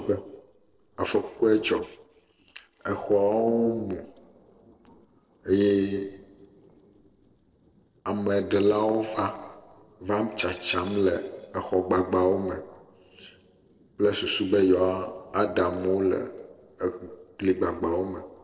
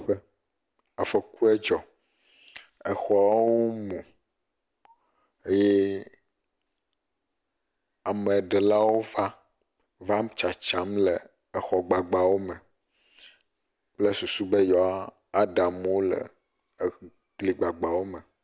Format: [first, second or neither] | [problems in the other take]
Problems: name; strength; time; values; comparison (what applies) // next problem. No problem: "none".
second | noise reduction (neural separator model SepFormer DNS4)